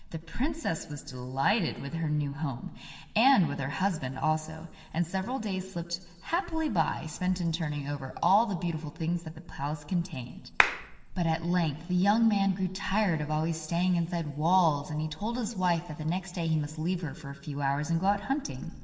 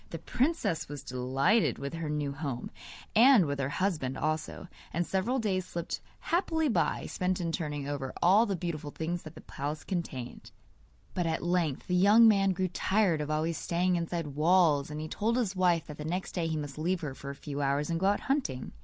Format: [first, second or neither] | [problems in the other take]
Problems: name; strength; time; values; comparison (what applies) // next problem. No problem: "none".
second | background sound (Clapping); 2 dB below the speech // room echo; dies away in 1.6 s